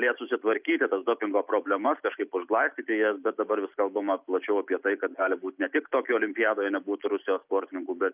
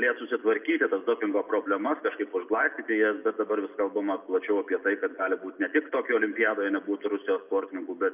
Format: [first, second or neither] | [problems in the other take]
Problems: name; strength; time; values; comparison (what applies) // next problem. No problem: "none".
first | room echo; dies away in 1.1 s